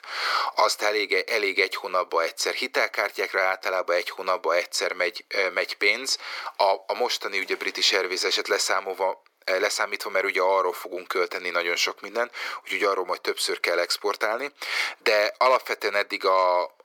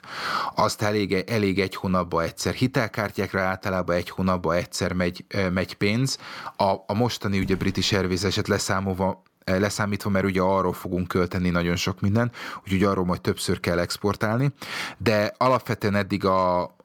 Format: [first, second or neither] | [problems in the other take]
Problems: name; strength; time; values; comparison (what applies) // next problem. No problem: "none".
second | thin; very; fading below 400 Hz